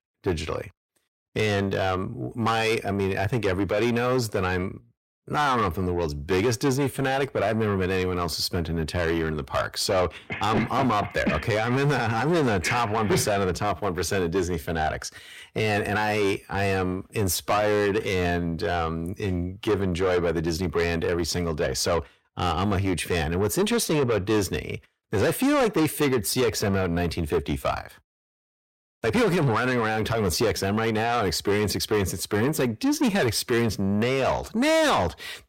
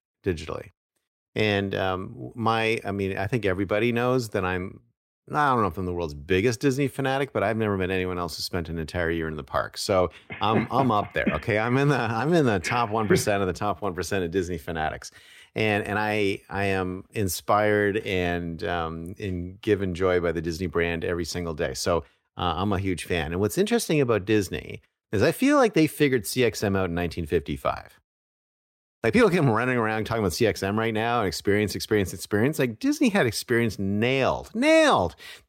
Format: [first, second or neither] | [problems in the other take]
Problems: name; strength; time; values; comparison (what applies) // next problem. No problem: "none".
second | distortion; heavy; 7 dB below the speech